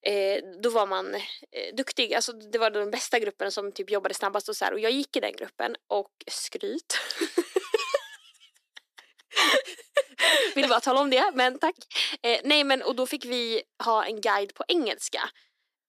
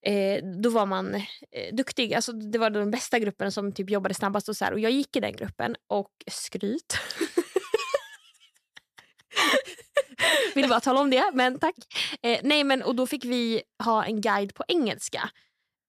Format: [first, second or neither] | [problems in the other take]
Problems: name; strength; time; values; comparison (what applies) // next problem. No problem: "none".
second | thin; very slightly; fading below 300 Hz